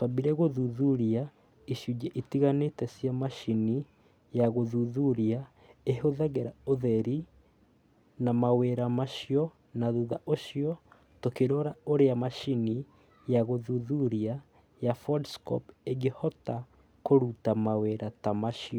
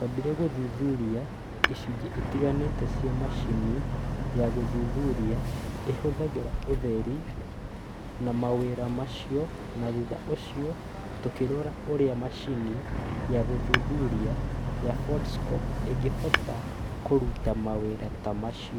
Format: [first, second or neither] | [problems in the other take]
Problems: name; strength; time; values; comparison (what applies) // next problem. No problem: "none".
first | background sound (Boat, Water vehicle + Tap / Hammer); 1 dB below the speech